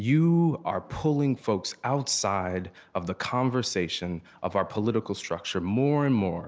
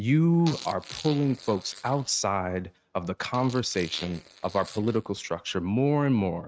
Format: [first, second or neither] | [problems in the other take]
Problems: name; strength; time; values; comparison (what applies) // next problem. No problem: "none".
first | noise reduction (neural mask model RNNoise)